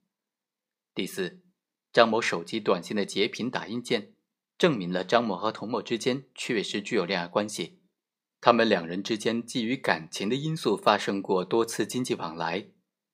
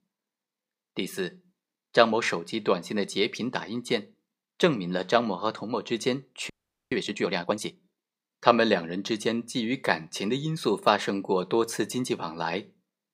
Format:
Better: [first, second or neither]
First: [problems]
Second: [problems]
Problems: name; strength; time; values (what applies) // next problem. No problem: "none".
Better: first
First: none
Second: audio freezing; at 6.5 s